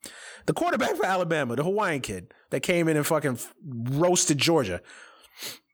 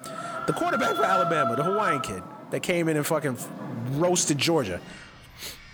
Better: first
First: none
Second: animal sounds; loud; throughout; 3 dB below the speech

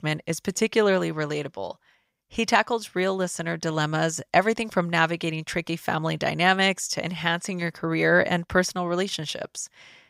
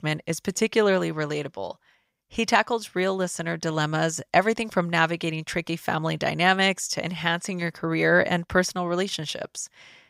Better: neither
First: none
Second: none

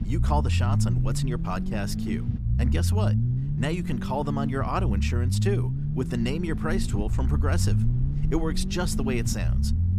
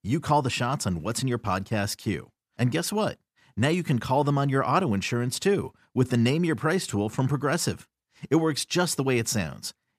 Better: second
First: low rumble; loud; throughout; 6 dB below the speech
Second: none

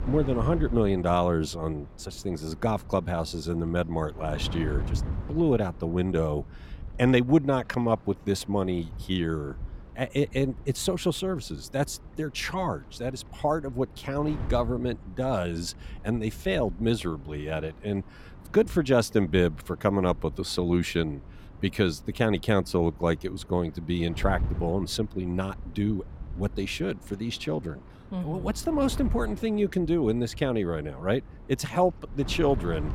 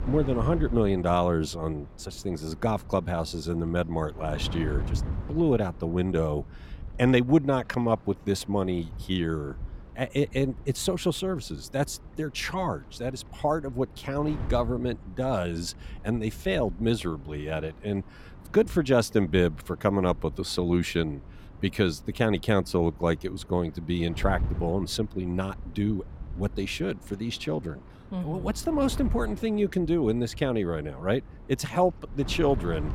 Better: neither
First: wind noise on the microphone; occasional gusts; 20 dB below the speech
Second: wind noise on the microphone; occasional gusts; 20 dB below the speech

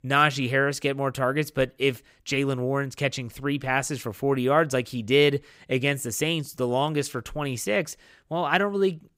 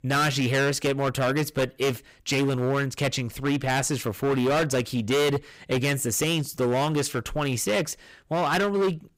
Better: first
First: none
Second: distortion; heavy; 18% of the sound clipped

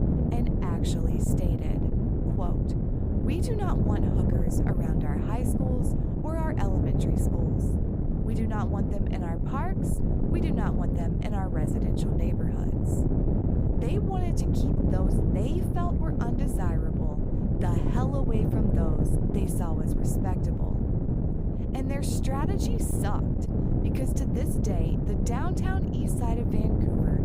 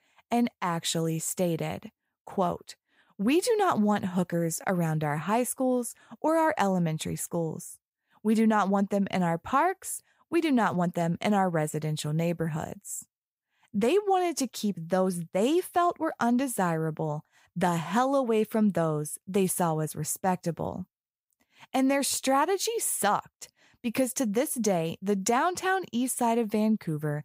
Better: second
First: wind noise on the microphone; heavy; 3 dB above the speech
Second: none

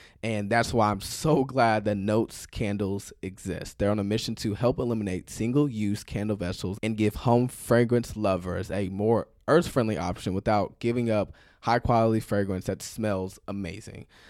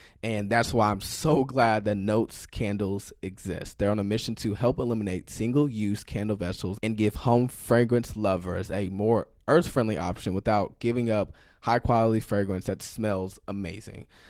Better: first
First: none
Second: garbled, watery; slightly; nothing above 19 kHz

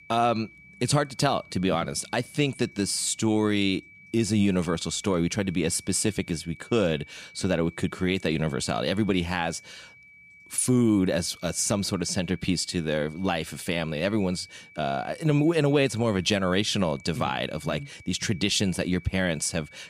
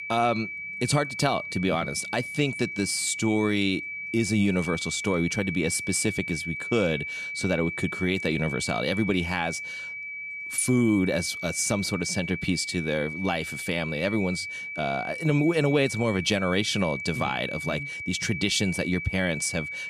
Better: first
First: high-pitched whine; faint; throughout; 2.5 kHz, 25 dB below the speech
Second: high-pitched whine; loud; throughout; 2.5 kHz, 6 dB below the speech

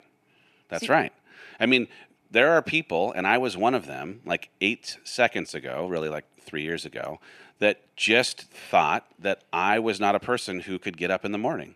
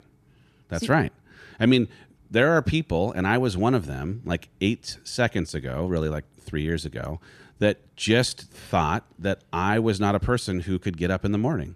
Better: second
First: thin; somewhat; fading below 250 Hz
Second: none

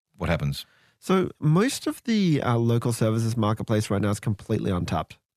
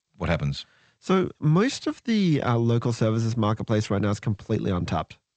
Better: first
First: none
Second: garbled, watery; slightly; nothing above 8 kHz

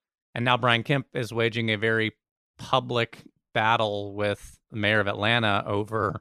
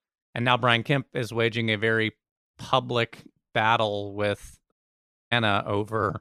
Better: first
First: none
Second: audio cutting out; at 4.5 s for 0.5 s

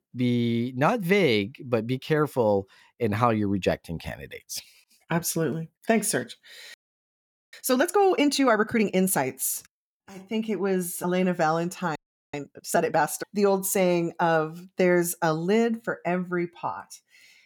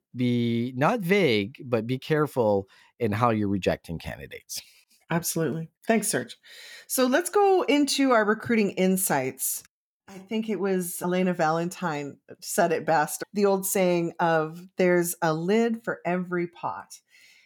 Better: second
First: audio freezing; at 6.5 s for 1 s and at 12 s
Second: none

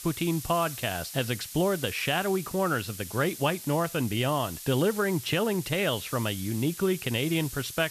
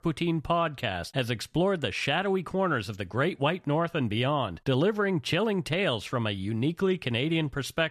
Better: second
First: hiss; noticeable; throughout; 10 dB below the speech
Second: none

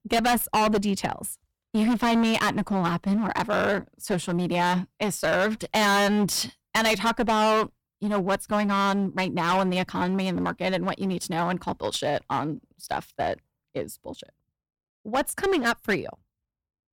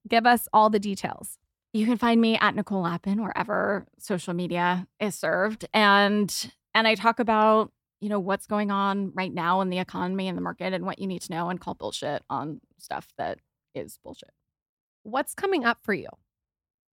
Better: second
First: distortion; heavy; 14% of the sound clipped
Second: none

